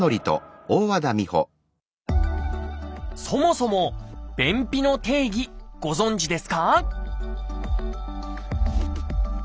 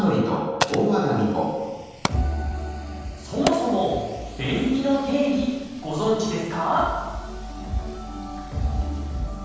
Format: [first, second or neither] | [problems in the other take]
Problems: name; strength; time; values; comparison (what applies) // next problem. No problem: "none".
first | background sound (Fire); 12 dB below the speech // room echo; dies away in 1.2 s